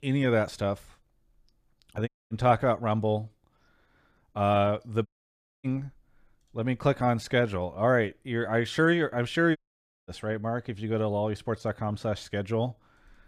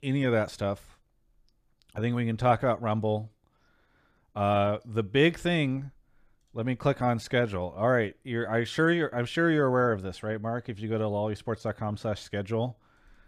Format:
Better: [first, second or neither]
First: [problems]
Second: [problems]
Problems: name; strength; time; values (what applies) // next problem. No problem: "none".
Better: second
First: audio cutting out; at 2 s, at 5 s for 0.5 s and at 9.5 s for 0.5 s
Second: none